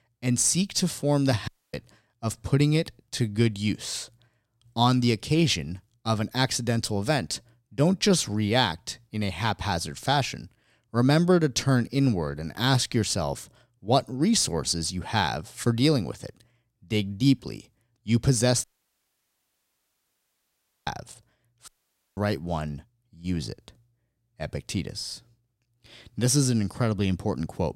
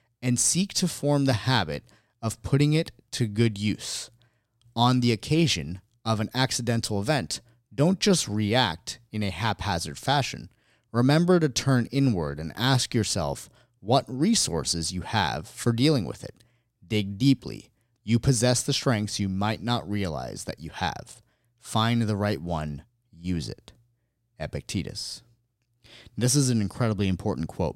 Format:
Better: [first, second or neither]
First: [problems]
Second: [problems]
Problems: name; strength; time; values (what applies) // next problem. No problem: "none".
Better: second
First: audio cutting out; at 1.5 s, at 19 s for 2 s and at 22 s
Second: none